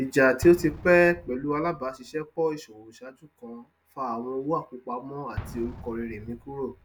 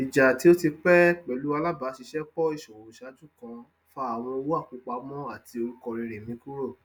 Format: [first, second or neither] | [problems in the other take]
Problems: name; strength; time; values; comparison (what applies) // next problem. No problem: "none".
second | background sound (Explosion); 17 dB below the speech